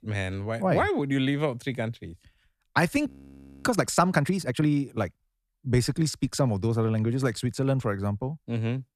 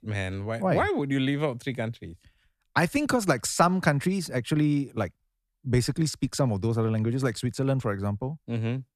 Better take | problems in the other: second | audio freezing; at 3 s for 0.5 s

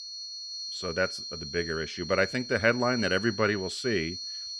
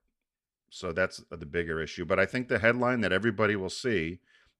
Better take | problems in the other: second | high-pitched whine; loud; throughout; 4.5 kHz, 8 dB below the speech

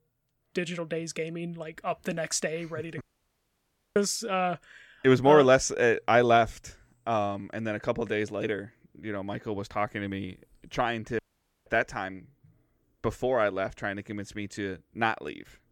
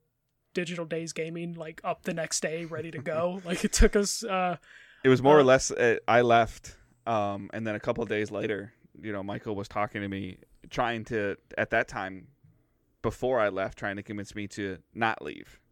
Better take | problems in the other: second | audio cutting out; at 3 s for 1 s and at 11 s

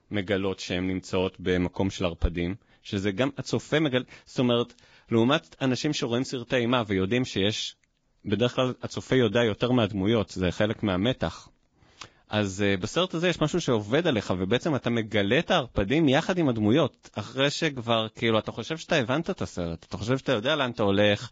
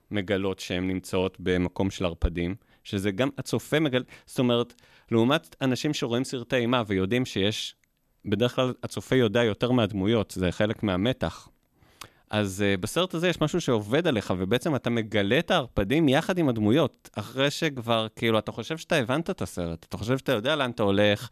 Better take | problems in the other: second | garbled, watery; badly; nothing above 7.5 kHz

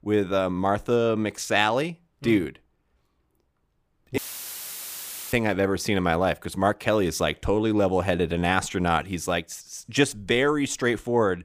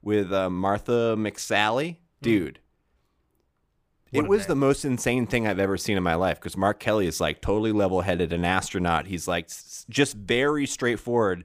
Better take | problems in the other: second | audio cutting out; filled with static; at 4 s for 1 s

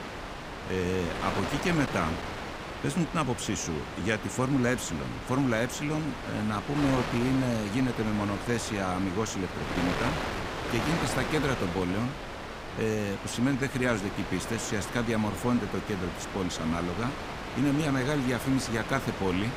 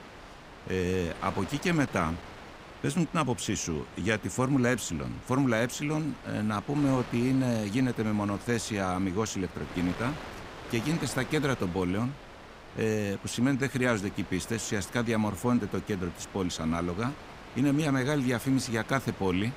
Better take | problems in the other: second | wind noise on the microphone; heavy; 3 dB below the speech; occasional gusts in the second

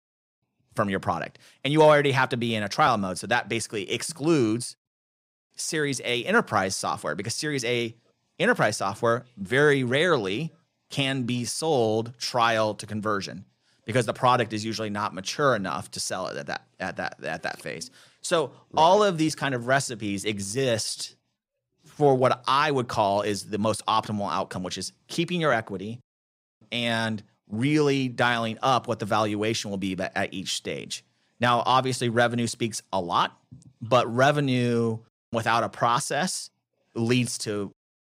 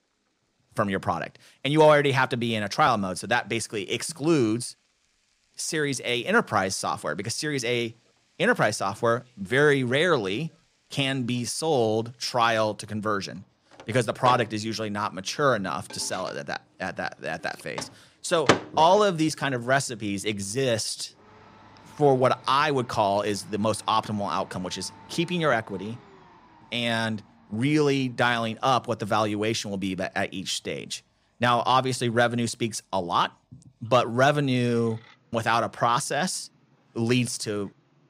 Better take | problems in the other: first | household noises; noticeable; throughout; 10 dB below the speech

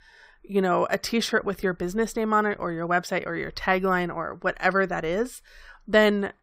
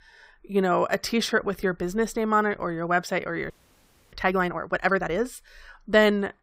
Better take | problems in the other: first | audio freezing; at 3.5 s for 0.5 s

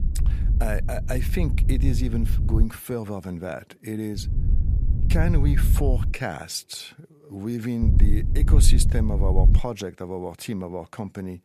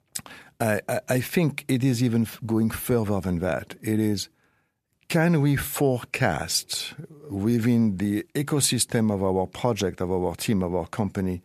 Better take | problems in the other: second | wind noise on the microphone; heavy; until 2.5 s, from 4 to 6 s and from 8 to 9.5 s; 8 dB below the speech

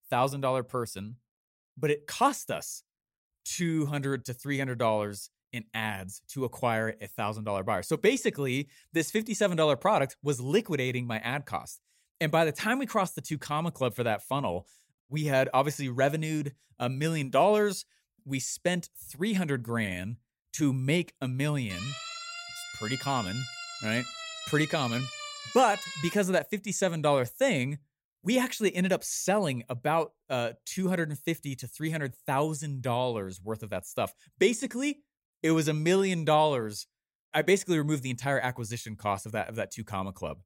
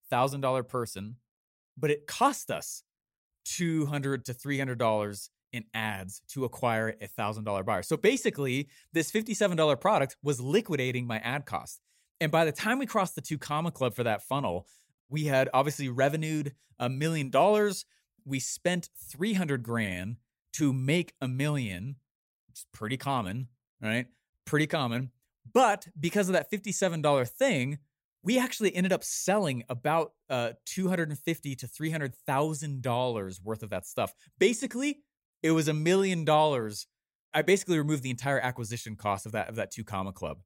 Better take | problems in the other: second | siren; noticeable; from 22 to 26 s; peak 7 dB below the speech

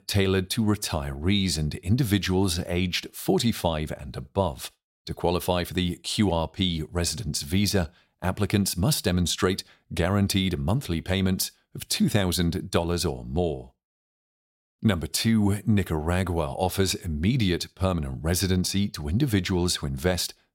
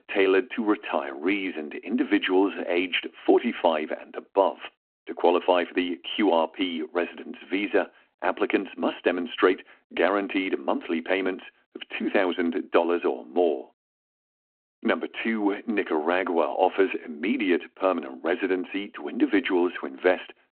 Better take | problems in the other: first | phone-call audio

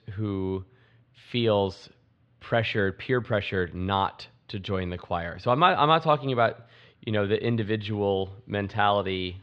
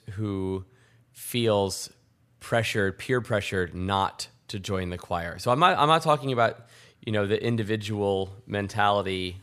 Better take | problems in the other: second | muffled; slightly; fading above 3.5 kHz

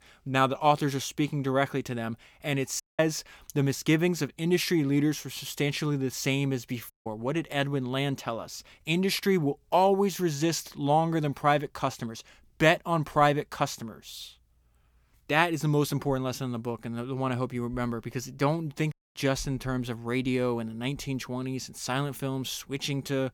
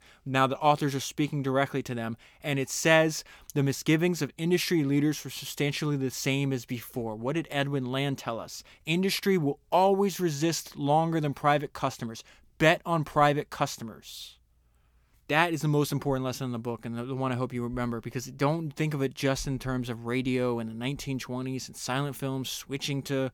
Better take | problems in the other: second | audio cutting out; at 3 s, at 7 s and at 19 s

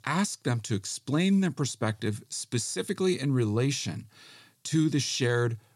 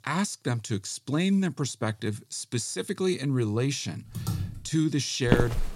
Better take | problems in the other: first | keyboard typing; noticeable; at 4 s; peak 4 dB below the speech // footsteps; loud; at 5.5 s; peak 2 dB above the speech

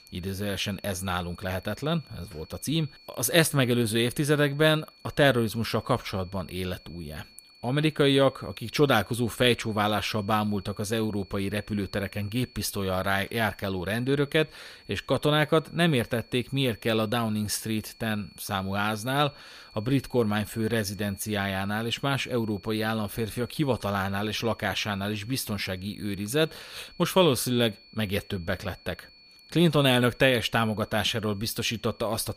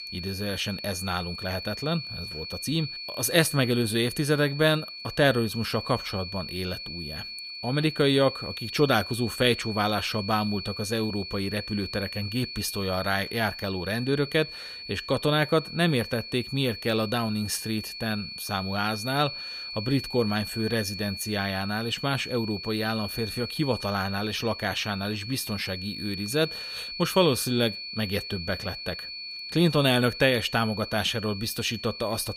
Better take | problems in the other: first | high-pitched whine; loud; throughout; 4.5 kHz, 8 dB below the speech; faint in the first

